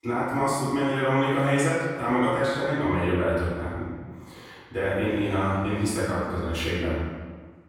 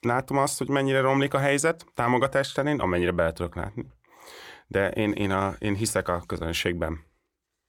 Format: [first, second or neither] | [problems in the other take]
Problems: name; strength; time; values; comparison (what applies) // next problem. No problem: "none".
second | room echo; strong; dies away in 1.4 s // off-mic speech; far